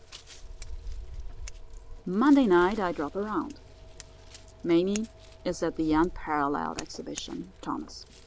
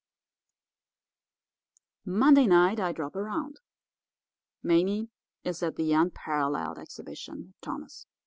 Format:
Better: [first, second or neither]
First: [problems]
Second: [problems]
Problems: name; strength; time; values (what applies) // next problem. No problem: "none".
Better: second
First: background sound (Scissors); 13 dB below the speech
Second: none